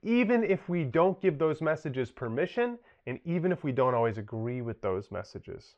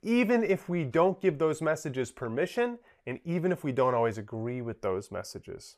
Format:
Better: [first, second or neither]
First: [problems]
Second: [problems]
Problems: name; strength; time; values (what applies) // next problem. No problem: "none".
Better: second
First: muffled; slightly; fading above 4 kHz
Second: none